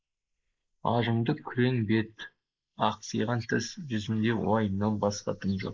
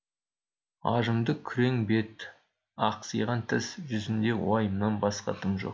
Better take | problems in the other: second | noise reduction (neural mask model Resemble Enhance denoiser)

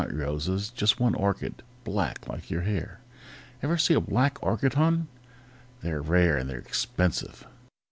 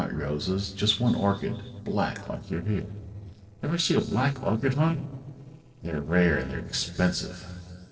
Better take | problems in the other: first | noise reduction (neural separator model SepFormer DNS4)

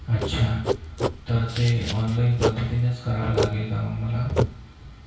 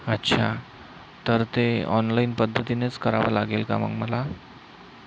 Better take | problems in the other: second | background sound (Writing); 5 dB below the speech // room echo; dies away in 0.6 s

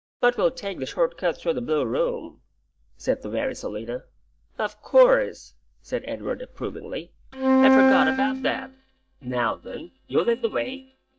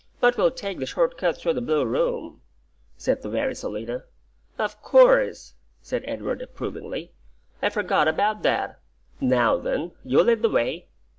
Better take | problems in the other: second | noise reduction (neural mask model DeepFilterNet 3)

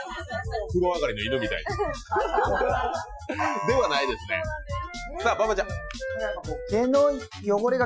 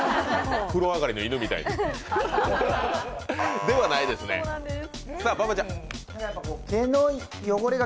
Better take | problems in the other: second | noise reduction (classical method Wiener filter)

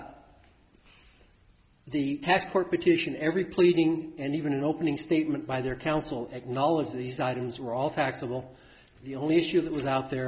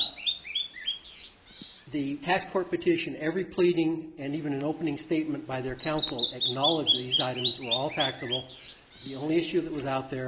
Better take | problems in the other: first | background sound (Bird vocalization, bird call, bird song); 4 dB below the speech

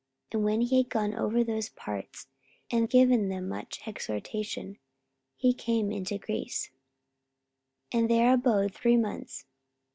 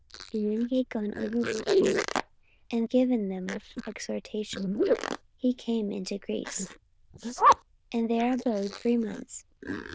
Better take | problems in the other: first | noise reduction (neural diffusion model UNIVERSE++)

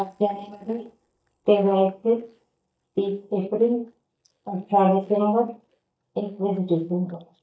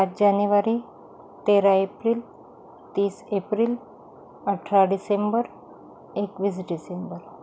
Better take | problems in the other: second | noise reduction (neural mask model DeepFilterNet 3)

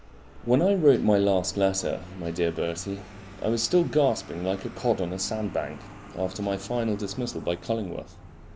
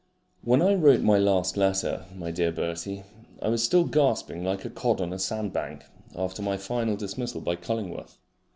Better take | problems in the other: second | background sound (Vehicle); 17 dB below the speech

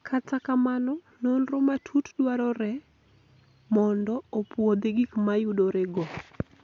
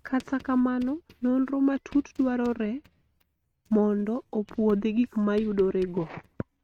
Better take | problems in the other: first | noise reduction (neural mask model RNNoise)

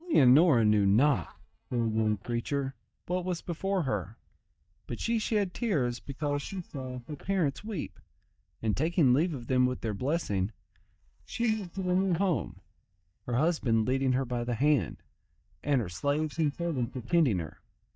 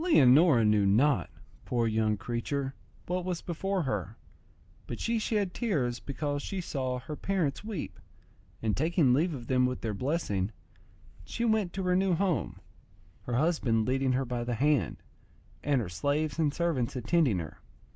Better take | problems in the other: second | noise reduction (neural mask model DeepFilterNet 3)

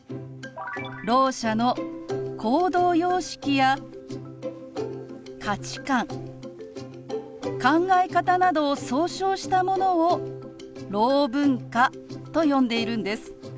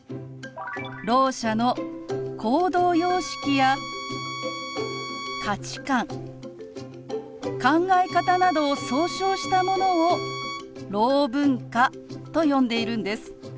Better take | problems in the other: first | background sound (Bowed string instrument); 11 dB below the speech

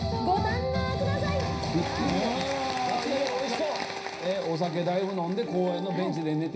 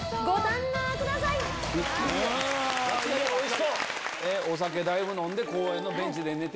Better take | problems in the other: second | background sound (Wind instrument, woodwind instrument); 12 dB below the speech // room echo; dies away in 0.5 s

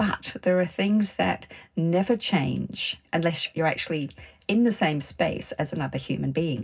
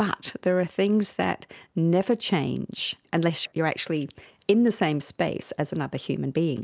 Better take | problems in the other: second | room echo; dies away in 0.4 s

